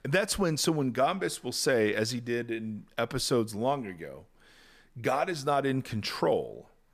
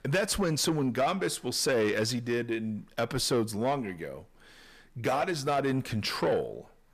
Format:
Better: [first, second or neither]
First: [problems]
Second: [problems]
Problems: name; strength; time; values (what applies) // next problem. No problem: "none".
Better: first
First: none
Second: distortion; slight; 10 dB below the speech